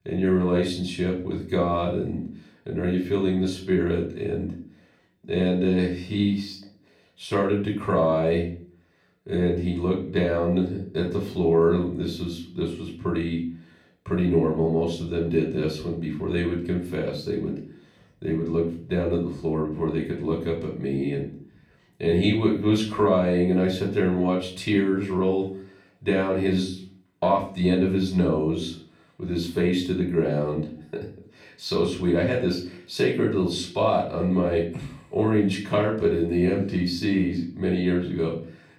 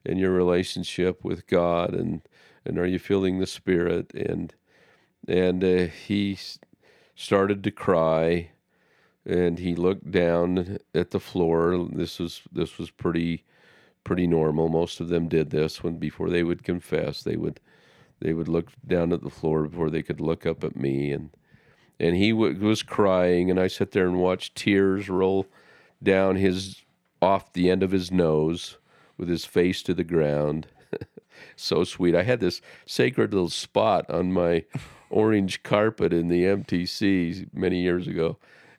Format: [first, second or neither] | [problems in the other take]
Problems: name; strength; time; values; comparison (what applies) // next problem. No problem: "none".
second | off-mic speech; far // room echo; slight; dies away in 0.4 s